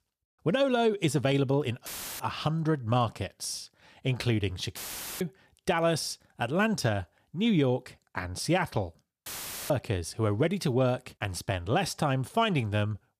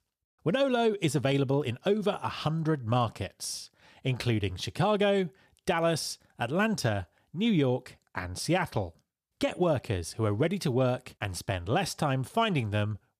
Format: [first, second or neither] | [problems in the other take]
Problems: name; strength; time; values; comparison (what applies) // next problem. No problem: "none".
second | audio cutting out; filled with static; at 2 s, at 5 s and at 9.5 s